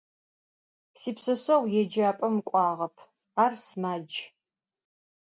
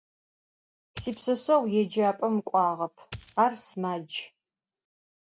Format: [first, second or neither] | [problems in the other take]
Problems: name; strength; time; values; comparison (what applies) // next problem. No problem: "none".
first | background sound (Coin (dropping)); 16 dB below the speech